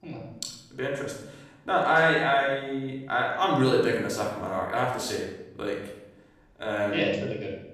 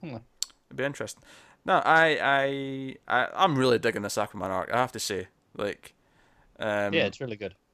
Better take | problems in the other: second | room echo; noticeable; dies away in 0.8 s // off-mic speech; far

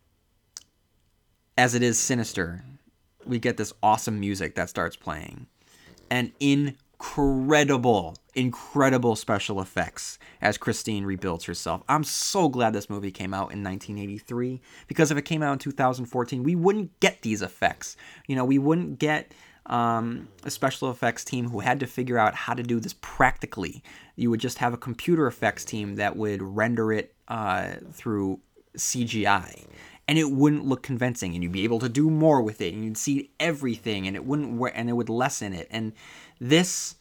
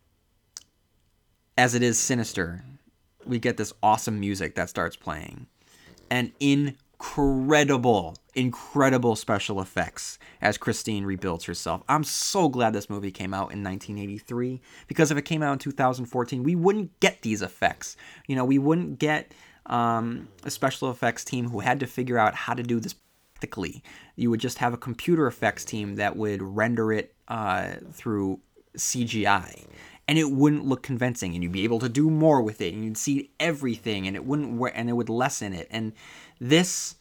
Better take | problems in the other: first | audio cutting out; at 23 s

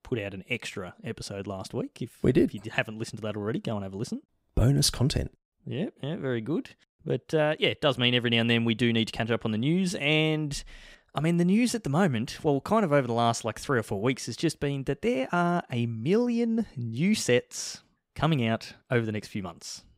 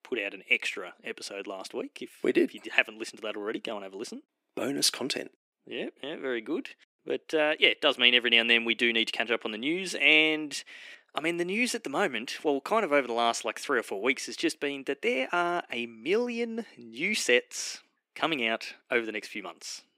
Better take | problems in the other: first | thin; somewhat; fading below 300 Hz

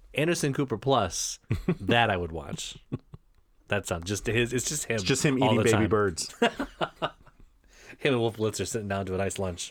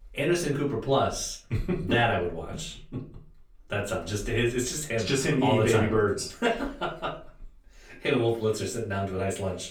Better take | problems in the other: first | off-mic speech; far // room echo; very slight; dies away in 0.3 s

